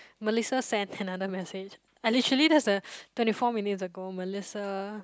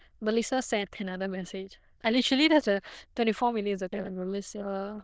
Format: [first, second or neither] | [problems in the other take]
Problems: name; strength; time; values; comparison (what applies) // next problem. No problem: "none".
first | noise reduction (neural diffusion model UNIVERSE++)